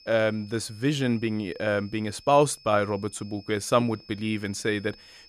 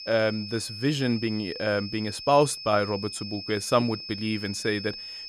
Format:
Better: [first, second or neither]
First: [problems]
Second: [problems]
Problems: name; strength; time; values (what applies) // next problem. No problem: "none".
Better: first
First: high-pitched whine; faint; throughout; 5 kHz, 25 dB below the speech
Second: high-pitched whine; loud; throughout; 5 kHz, 10 dB below the speech